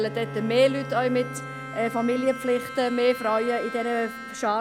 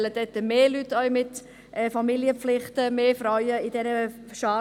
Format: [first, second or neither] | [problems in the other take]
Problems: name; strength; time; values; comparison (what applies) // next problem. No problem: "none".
second | background sound (Bowed string instrument + Bowed string instrument); 11 dB below the speech